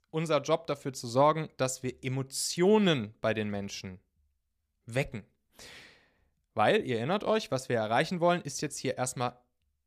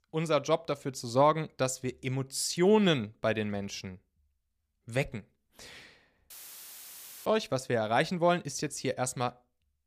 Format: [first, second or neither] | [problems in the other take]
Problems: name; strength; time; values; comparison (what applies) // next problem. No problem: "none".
first | audio cutting out; filled with static; at 6.5 s for 1 s